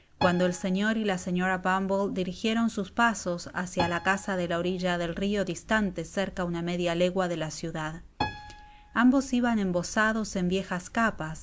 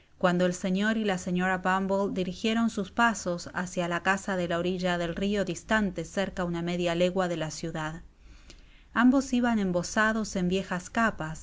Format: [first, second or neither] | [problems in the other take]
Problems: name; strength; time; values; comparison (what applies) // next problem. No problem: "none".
second | background sound (Piano); 14 dB below the speech